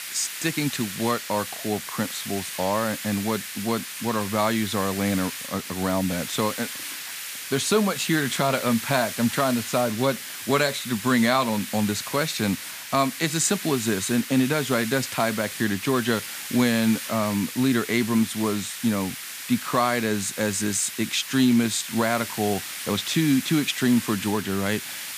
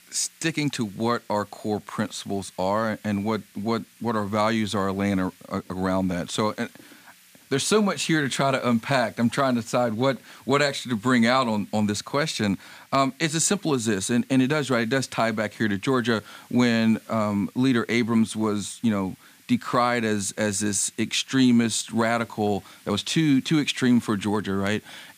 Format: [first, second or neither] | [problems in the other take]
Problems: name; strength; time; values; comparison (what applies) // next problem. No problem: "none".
second | hiss; loud; throughout; 8 dB below the speech; faint in the second